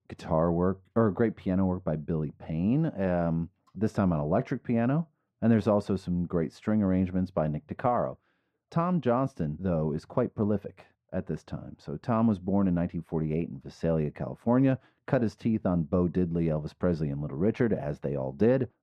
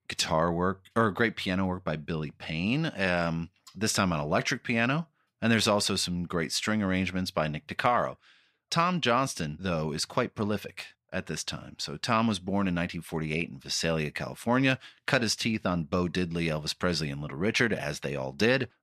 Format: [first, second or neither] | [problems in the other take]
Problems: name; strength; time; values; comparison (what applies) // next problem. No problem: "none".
second | muffled; very; fading above 1.5 kHz